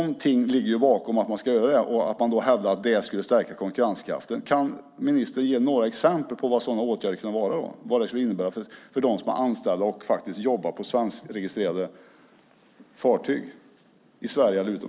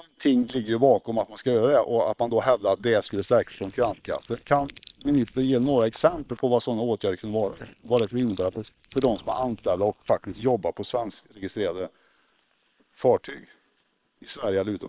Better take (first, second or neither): first